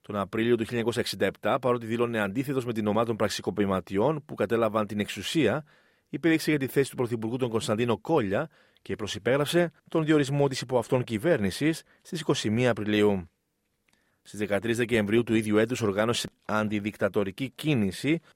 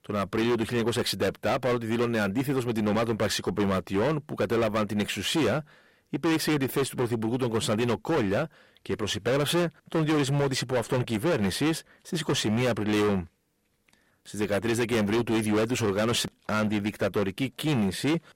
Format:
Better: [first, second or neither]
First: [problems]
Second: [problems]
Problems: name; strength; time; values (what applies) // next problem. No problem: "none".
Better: first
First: none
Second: distortion; heavy; 18% of the sound clipped